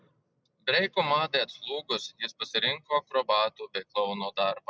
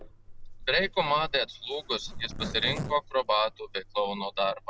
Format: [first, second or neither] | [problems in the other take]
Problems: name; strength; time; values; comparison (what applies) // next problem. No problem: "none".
first | background sound (Zipper (clothing)); 11 dB below the speech